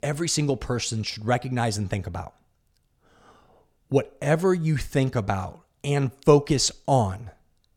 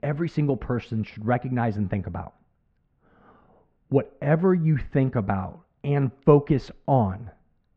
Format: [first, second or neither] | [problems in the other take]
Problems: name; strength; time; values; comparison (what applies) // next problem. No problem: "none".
first | muffled; very; fading above 2 kHz